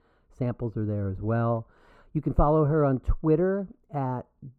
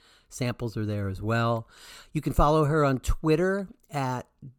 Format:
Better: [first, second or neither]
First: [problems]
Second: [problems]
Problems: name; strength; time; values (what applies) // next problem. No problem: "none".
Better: second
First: muffled; very; fading above 2 kHz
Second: none